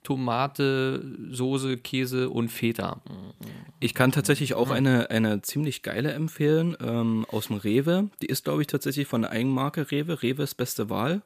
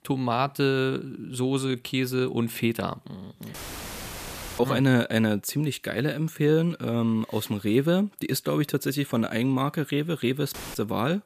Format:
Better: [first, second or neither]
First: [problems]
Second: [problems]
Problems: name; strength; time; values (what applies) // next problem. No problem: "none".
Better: first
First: none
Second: audio cutting out; filled with static; at 3.5 s for 1 s and at 11 s